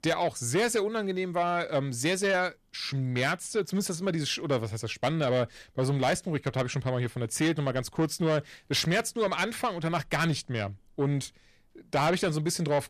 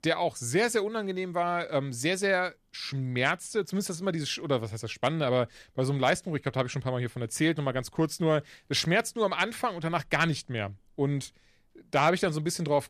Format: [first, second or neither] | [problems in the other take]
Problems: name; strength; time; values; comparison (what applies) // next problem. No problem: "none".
second | distortion; slight; 10 dB below the speech